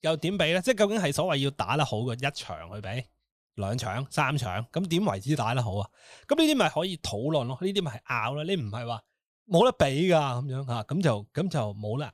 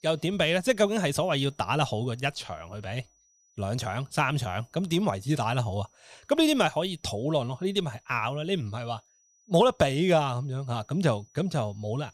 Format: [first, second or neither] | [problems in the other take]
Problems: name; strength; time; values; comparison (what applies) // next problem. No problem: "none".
first | high-pitched whine; faint; throughout; 6 kHz, 35 dB below the speech